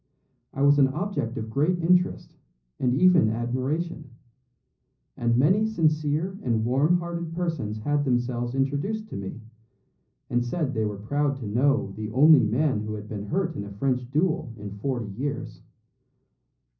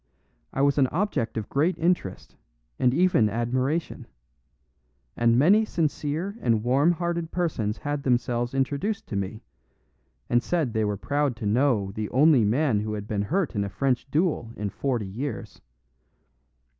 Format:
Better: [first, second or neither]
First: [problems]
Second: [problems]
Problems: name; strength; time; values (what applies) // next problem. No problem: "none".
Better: second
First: room echo; dies away in 0.5 s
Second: none